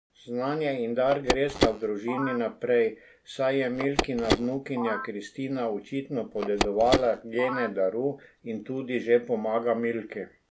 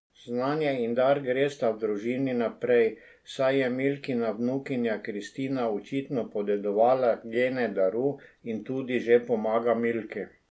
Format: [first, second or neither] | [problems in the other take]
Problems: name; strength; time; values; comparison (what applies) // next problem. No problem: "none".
second | background sound (Telephone); 5 dB below the speech